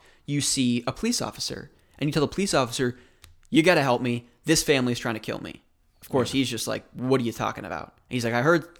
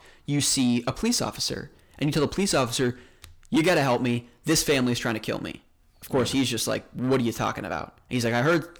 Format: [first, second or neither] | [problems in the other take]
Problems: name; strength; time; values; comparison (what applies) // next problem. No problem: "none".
first | distortion; slight; 10 dB below the speech